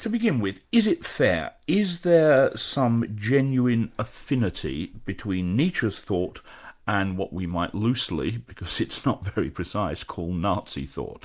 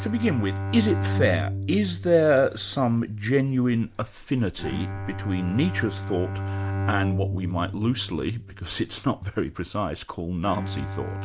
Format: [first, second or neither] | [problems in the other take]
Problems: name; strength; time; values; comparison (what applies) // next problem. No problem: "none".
first | background sound (Bowed string instrument); 5 dB below the speech